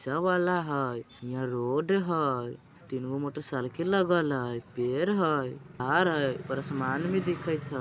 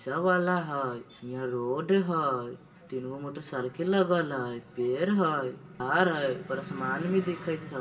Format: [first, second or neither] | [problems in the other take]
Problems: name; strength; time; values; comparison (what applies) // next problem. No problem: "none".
first | room echo; dies away in 0.5 s